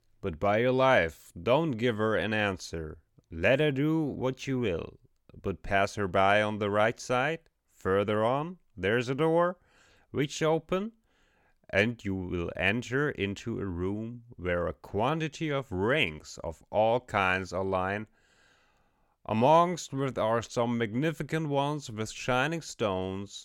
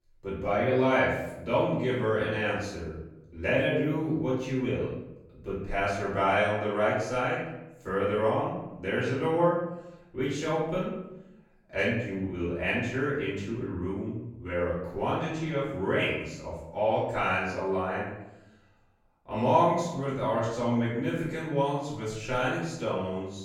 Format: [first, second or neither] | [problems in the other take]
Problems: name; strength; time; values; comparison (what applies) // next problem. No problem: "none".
first | off-mic speech; far // room echo; noticeable; dies away in 0.8 s